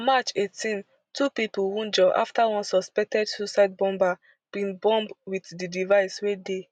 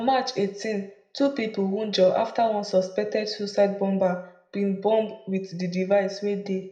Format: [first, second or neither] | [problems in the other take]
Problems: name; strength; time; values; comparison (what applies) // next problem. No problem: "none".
first | room echo; dies away in 0.5 s